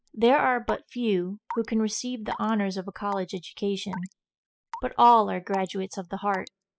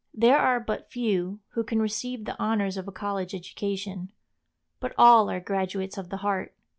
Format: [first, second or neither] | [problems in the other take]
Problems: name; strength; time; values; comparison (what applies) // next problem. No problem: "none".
second | noise reduction (classical method spectral subtraction)